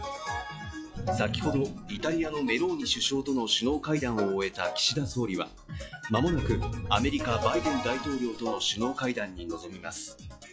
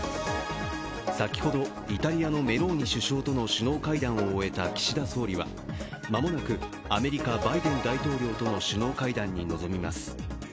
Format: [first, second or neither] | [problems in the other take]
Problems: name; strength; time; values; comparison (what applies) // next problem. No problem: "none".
second | noise reduction (classical method log-MMSE)